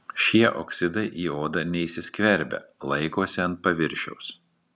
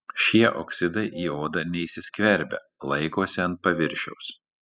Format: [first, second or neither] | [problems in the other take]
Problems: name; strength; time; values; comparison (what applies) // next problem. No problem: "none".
first | noise reduction (classical method spectral subtraction)